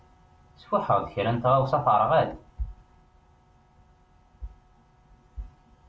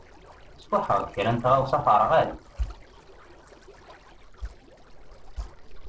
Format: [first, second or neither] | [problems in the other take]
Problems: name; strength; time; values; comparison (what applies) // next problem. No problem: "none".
first | noise reduction (neural separator model SepFormer DNS4)